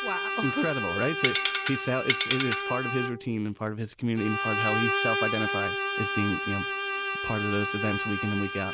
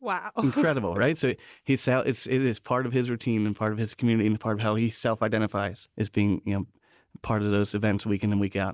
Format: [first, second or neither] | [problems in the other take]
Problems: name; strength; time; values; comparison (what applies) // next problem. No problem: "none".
second | background sound (Tools + Bowed string instrument); as loud as the speech